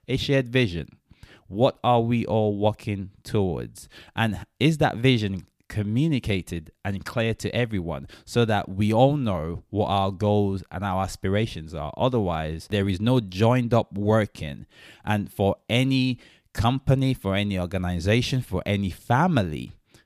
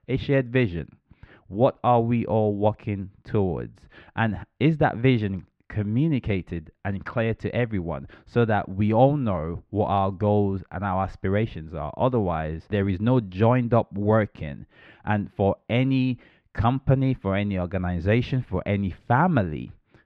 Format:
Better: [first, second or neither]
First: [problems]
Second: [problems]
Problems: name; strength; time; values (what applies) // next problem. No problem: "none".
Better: first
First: none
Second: muffled; very; fading above 2 kHz